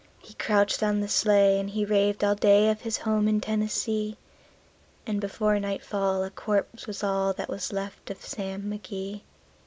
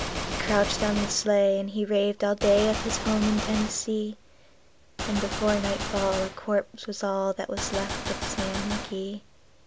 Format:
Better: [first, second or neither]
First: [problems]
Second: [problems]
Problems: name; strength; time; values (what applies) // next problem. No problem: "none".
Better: first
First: none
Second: background sound (Gunshot, gunfire); 7 dB below the speech